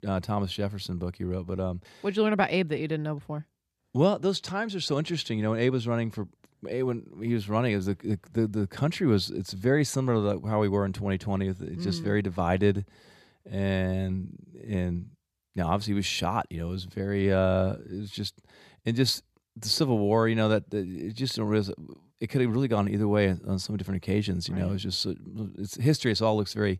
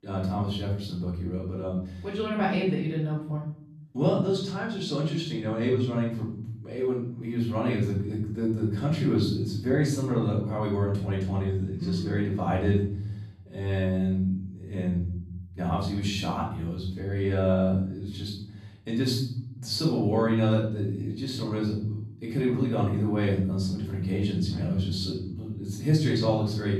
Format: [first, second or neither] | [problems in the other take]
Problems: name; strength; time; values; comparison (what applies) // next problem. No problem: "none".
first | off-mic speech; far // room echo; noticeable; dies away in 1.1 s